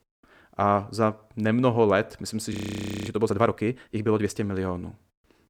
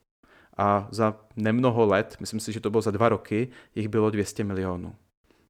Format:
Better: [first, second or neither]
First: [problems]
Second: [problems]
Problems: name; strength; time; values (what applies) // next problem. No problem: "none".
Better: second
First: audio freezing; at 2.5 s for 0.5 s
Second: none